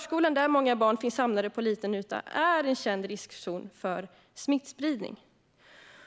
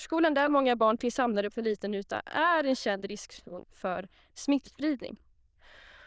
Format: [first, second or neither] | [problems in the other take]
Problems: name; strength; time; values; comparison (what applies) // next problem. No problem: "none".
first | noise reduction (neural diffusion model UNIVERSE++)